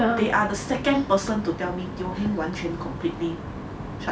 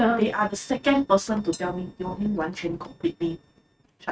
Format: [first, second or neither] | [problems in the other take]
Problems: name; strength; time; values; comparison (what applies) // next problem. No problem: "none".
first | noise reduction (neural mask model RNNoise)